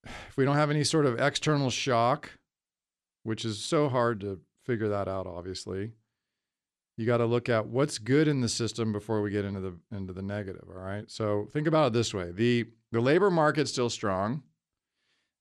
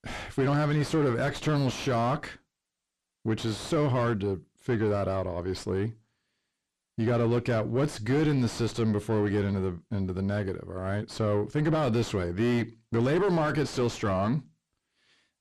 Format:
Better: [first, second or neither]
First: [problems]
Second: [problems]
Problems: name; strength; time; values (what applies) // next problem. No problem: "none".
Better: first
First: none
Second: distortion; heavy; 5 dB below the speech